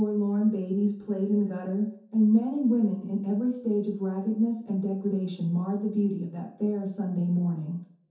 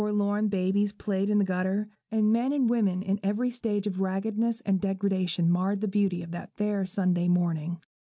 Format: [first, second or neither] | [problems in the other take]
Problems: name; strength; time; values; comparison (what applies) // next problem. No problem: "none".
second | room echo; dies away in 0.5 s